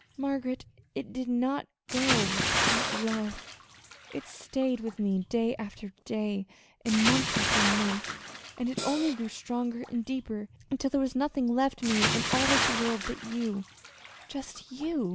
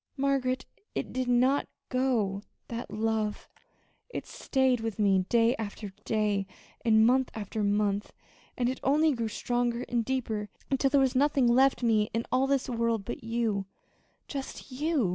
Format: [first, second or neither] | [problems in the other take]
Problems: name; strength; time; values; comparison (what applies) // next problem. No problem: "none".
second | background sound (Bathtub (filling or washing) / Splash, splatter + Cymbal); 2 dB below the speech